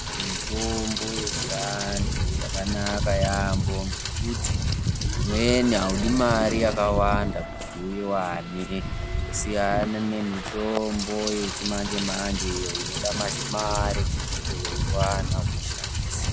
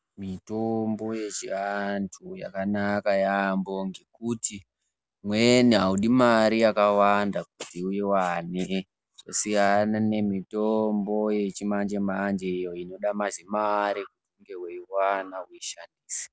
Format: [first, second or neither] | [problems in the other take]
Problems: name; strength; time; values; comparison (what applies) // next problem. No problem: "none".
second | background sound (Rain); as loud as the speech